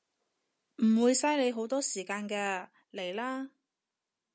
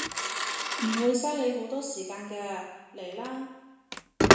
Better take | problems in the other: first | background sound (Telephone); 3 dB above the speech // room echo; dies away in 1 s

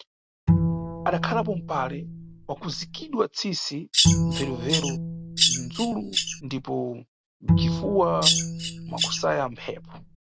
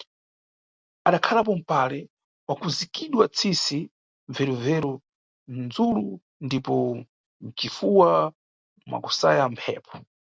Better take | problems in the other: second | background sound (Bowed string instrument + Bird vocalization, bird call, bird song); 4 dB above the speech

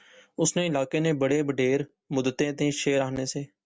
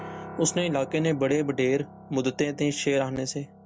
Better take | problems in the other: first | background sound (Piano); 16 dB below the speech

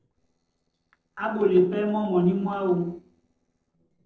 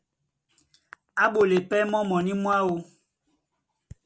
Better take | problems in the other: second | noise reduction (neural separator model SepFormer DNS4)

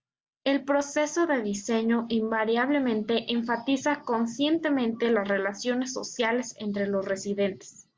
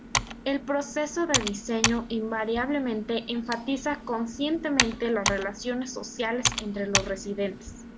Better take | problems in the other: first | background sound (Computer keyboard); 3 dB below the speech

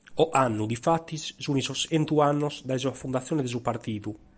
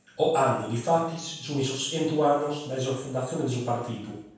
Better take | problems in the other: first | room echo; dies away in 0.7 s

